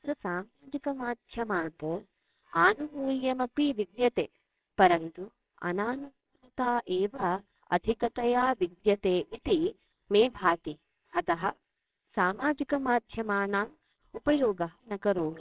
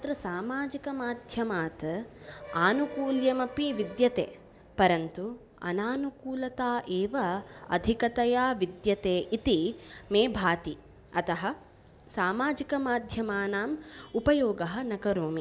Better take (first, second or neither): second